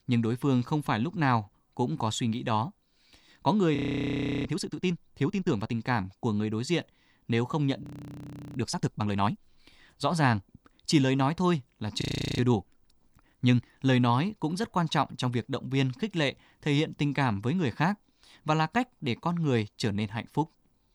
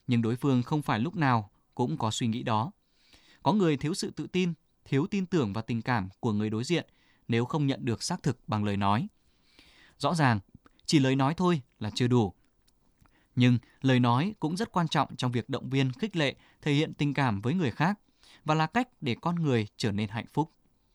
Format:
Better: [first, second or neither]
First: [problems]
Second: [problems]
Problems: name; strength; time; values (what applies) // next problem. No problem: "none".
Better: second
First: audio freezing; at 4 s for 0.5 s, at 8 s for 0.5 s and at 12 s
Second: none